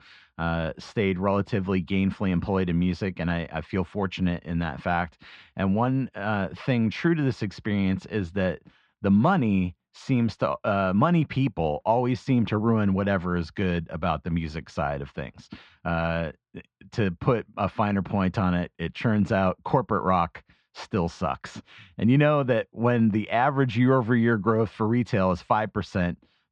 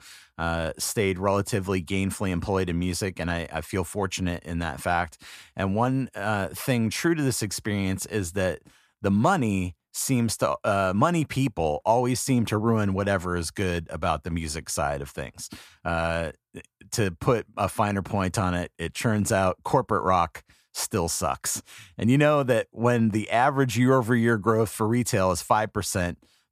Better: second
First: muffled; slightly; fading above 4 kHz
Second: none

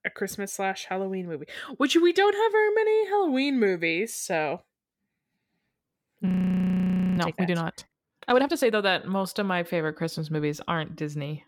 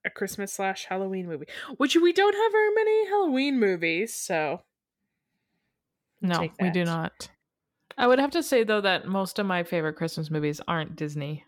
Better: second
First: audio freezing; at 6.5 s for 1 s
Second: none

